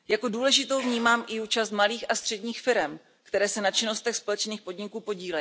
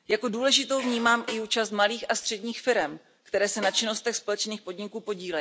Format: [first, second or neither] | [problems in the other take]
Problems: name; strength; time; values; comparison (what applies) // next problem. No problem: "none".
first | background sound (Snare drum); 16 dB below the speech